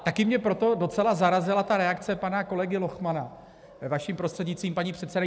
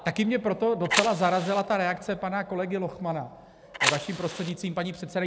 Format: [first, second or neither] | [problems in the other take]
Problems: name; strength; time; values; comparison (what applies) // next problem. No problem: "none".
first | background sound (Fire); 3 dB below the speech